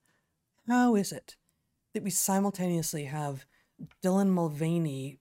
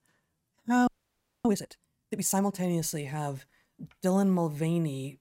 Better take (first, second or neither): first